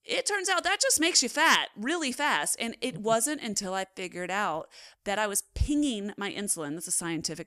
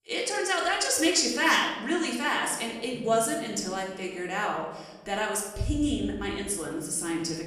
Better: first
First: none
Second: off-mic speech; far // room echo; noticeable; dies away in 1.2 s

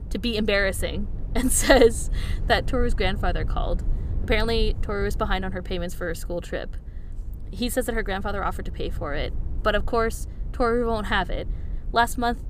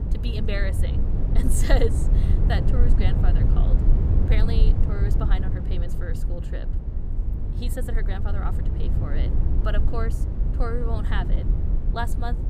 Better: first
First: low rumble; faint; throughout; 25 dB below the speech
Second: low rumble; loud; throughout; 5 dB below the speech

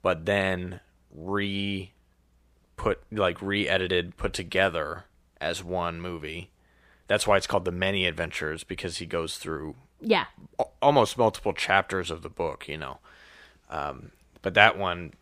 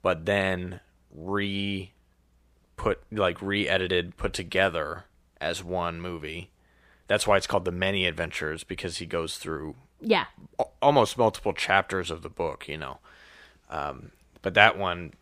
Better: neither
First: none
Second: none

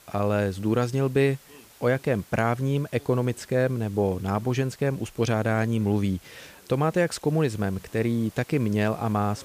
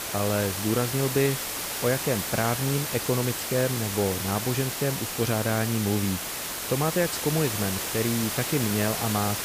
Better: first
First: hiss; faint; throughout; 25 dB below the speech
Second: hiss; loud; throughout; 2 dB below the speech

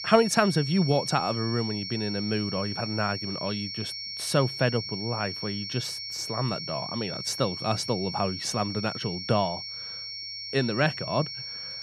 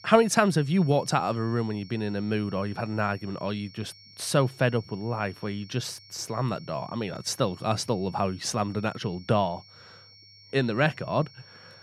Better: second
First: high-pitched whine; loud; throughout; 5.5 kHz, 5 dB below the speech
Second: high-pitched whine; faint; throughout; 5.5 kHz, 20 dB below the speech

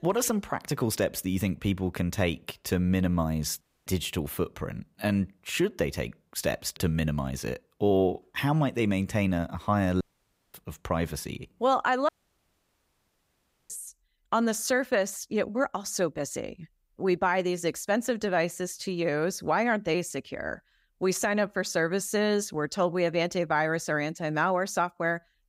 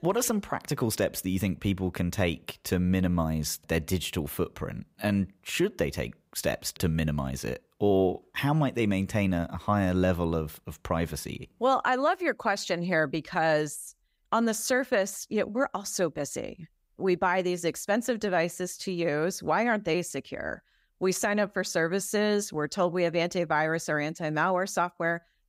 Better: second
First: audio cutting out; at 3.5 s, at 10 s for 0.5 s and at 12 s for 1.5 s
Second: none

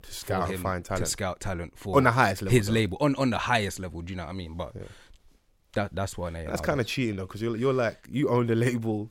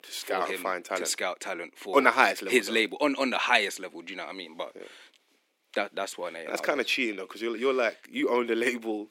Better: first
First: none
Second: thin; somewhat; fading below 250 Hz

